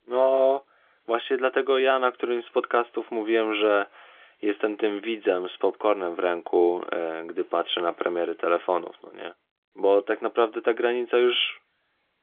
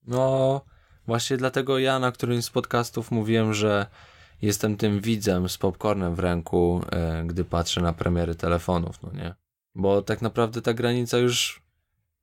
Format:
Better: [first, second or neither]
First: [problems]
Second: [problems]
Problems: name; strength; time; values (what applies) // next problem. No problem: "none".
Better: second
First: phone-call audio; nothing above 3.5 kHz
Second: none